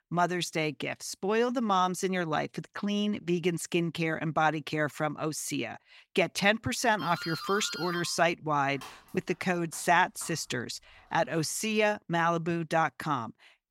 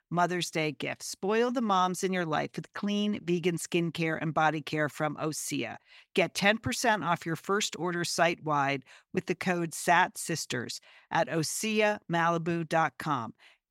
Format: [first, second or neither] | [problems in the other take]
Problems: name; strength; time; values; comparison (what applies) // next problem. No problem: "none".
second | doorbell; noticeable; from 7 to 11 s; peak 8 dB below the speech